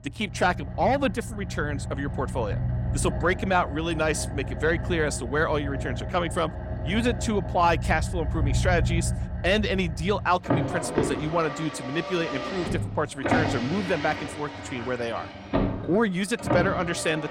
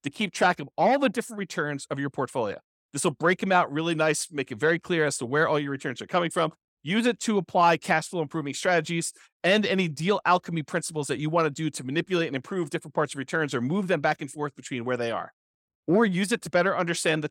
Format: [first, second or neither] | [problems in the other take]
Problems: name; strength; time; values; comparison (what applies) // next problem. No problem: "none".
second | traffic noise; loud; throughout; 4 dB below the speech